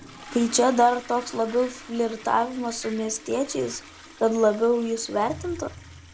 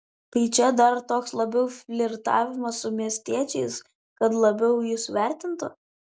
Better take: second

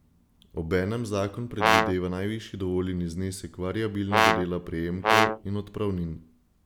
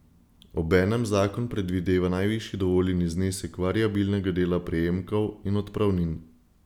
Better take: second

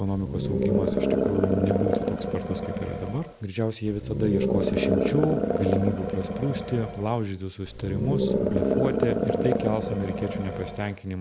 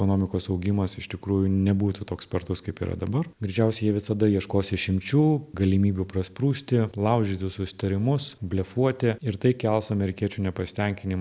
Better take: second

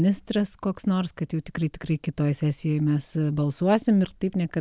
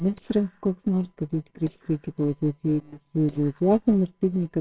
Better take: first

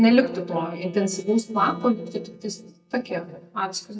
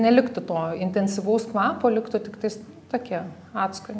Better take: second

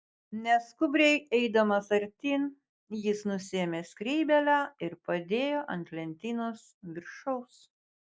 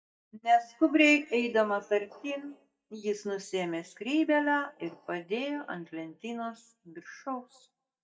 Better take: first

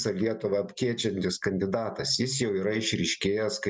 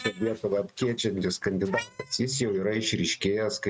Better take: first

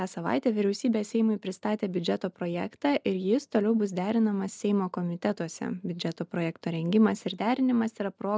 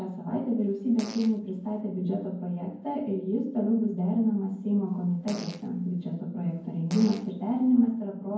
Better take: first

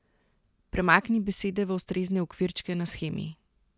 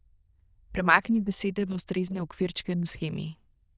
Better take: first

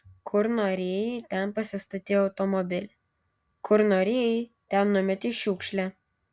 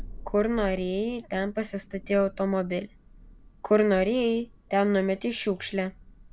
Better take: first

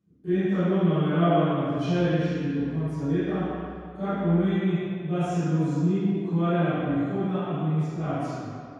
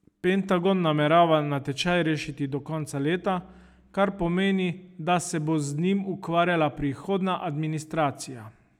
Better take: second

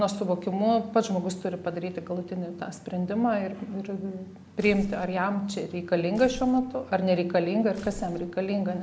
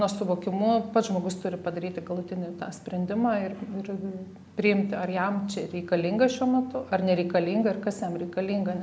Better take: second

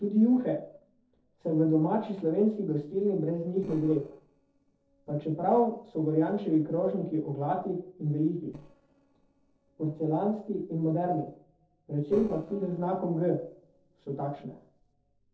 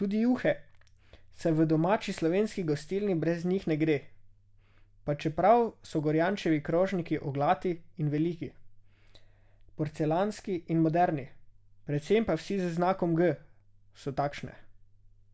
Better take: second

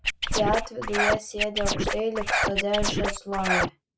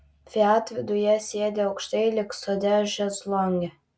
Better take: second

